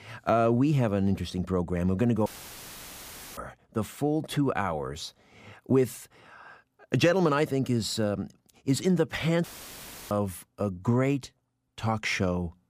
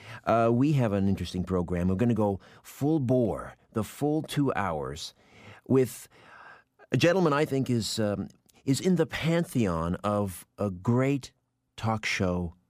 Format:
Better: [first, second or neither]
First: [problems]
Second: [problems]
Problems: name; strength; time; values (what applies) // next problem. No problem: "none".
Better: second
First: audio cutting out; filled with static; at 2.5 s for 1 s and at 9.5 s for 0.5 s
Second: none